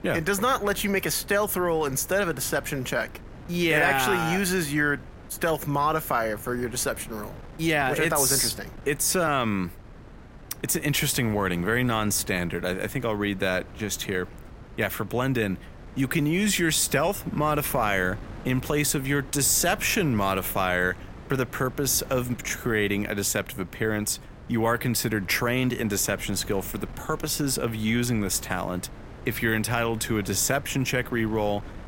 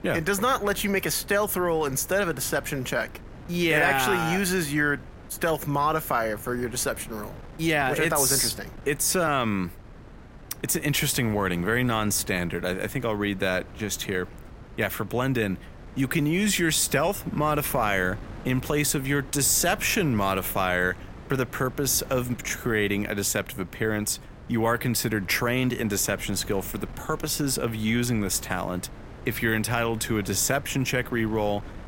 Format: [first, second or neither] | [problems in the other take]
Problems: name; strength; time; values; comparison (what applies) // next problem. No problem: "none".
neither | wind noise on the microphone; occasional gusts; 20 dB below the speech; the same in both